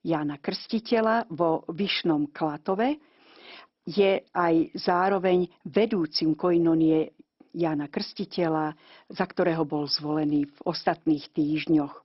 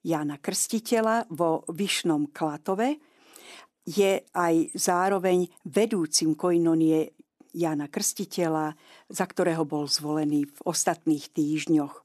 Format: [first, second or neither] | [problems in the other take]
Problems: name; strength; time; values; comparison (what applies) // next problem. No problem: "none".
second | garbled, watery; badly; nothing above 5.5 kHz